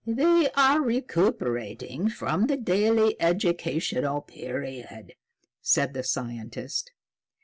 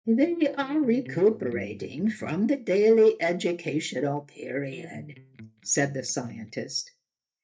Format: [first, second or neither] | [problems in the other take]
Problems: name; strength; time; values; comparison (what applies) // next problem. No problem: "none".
first | noise reduction (neural mask model DeepFilterNet 3)